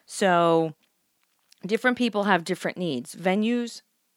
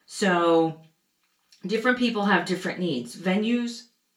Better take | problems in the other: first | room echo; very slight; dies away in 0.2 s // off-mic speech; far

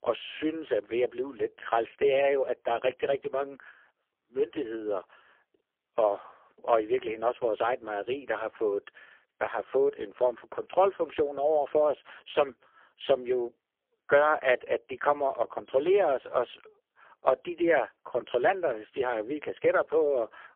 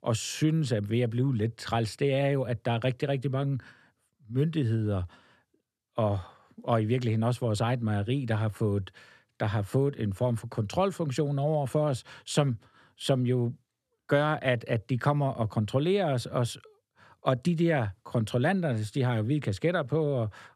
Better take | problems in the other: second | phone-call audio; poor line; nothing above 3.5 kHz

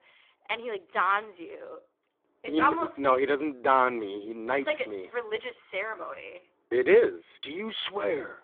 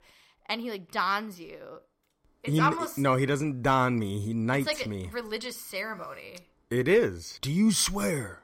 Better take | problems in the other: second | phone-call audio; poor line; nothing above 3.5 kHz

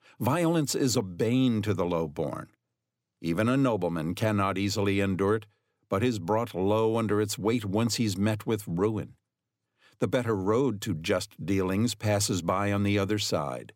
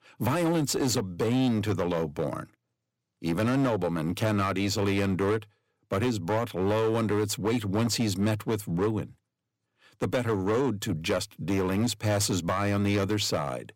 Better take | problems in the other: first | distortion; slight; 12% of the sound clipped

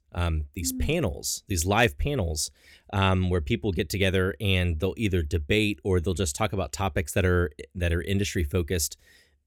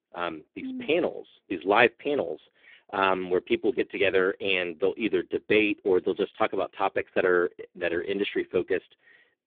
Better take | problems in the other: first | phone-call audio; poor line; nothing above 3.5 kHz

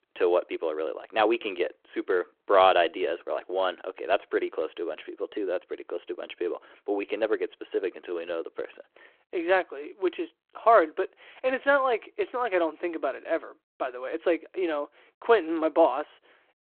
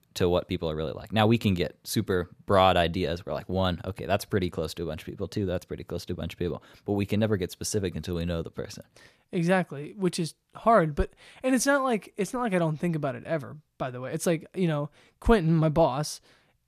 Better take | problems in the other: second | phone-call audio

